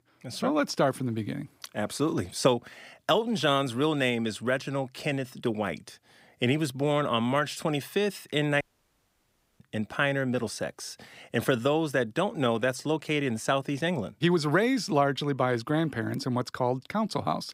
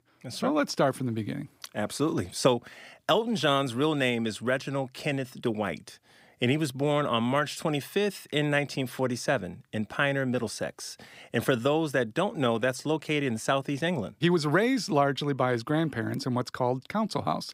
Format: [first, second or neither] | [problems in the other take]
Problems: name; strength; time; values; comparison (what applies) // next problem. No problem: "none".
second | audio cutting out; at 8.5 s for 1 s